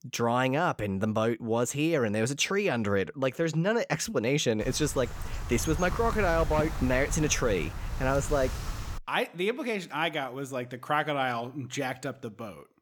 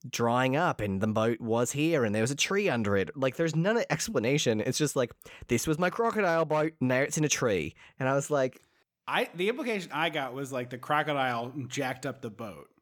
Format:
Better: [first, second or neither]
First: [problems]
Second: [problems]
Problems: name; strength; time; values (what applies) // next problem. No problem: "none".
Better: second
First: wind noise on the microphone; occasional gusts; from 4.5 to 9 s; 15 dB below the speech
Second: none